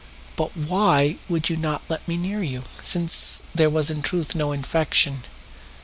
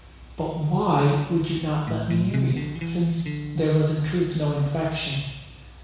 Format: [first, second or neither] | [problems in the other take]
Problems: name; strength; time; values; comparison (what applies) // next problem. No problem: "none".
first | background sound (Electric guitar); 3 dB below the speech // room echo; dies away in 1.1 s